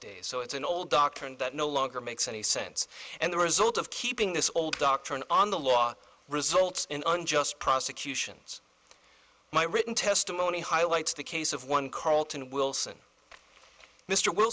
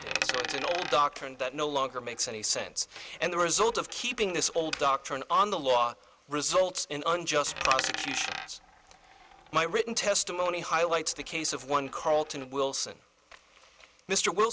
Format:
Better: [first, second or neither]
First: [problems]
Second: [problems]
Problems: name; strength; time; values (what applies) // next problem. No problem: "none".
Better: first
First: none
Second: background sound (Coin (dropping)); 12 dB below the speech